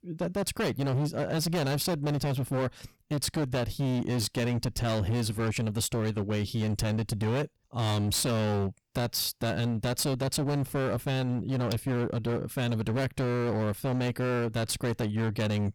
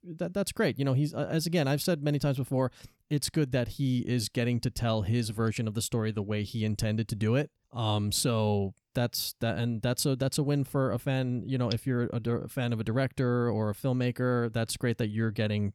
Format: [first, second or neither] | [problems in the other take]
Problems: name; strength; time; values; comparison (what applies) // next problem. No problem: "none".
second | distortion; heavy; 26% of the sound clipped